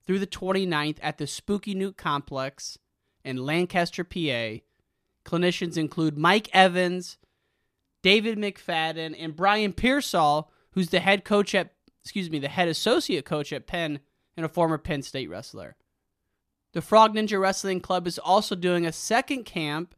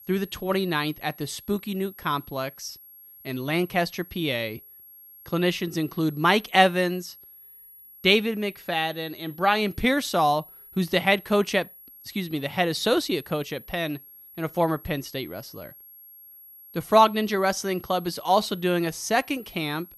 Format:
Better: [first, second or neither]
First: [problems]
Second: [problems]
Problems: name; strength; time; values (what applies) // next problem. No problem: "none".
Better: first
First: none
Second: high-pitched whine; faint; throughout; 11.5 kHz, 20 dB below the speech